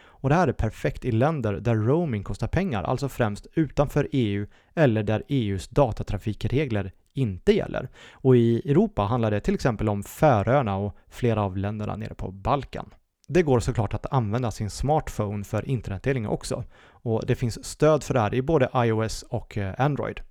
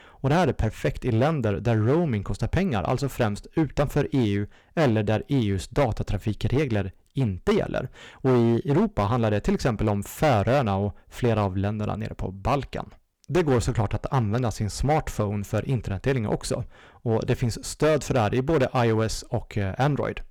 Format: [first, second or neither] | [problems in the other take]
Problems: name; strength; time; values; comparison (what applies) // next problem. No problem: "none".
first | distortion; slight; 7% of the sound clipped